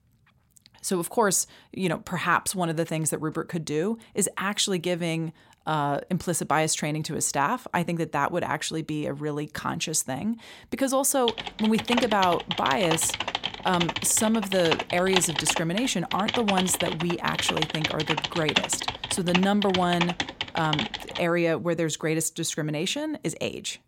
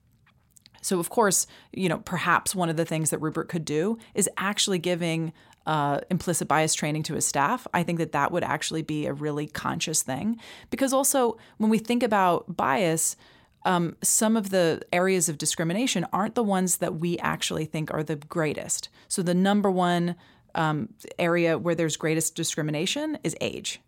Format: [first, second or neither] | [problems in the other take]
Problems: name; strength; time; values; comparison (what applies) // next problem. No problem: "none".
second | keyboard typing; loud; from 11 to 21 s; peak 1 dB above the speech